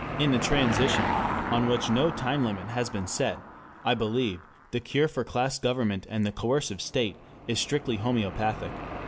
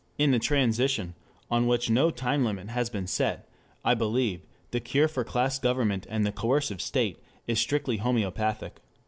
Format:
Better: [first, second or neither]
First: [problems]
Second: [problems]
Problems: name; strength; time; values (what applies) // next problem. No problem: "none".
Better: second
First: background sound (Car passing by / Engine); 6 dB below the speech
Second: none